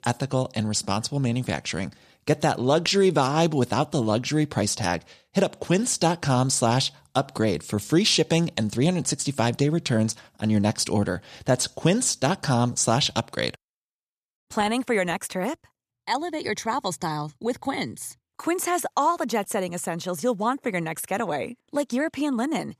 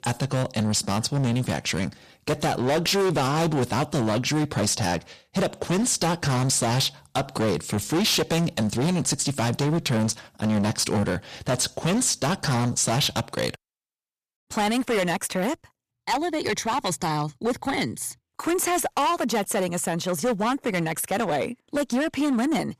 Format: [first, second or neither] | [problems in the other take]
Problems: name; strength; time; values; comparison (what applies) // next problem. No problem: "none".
first | distortion; heavy; 18% of the sound clipped